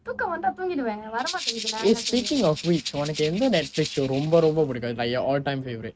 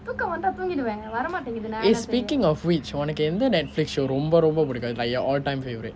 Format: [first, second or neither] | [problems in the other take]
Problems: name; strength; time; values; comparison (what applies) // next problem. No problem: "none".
second | noise reduction (neural mask model RNNoise)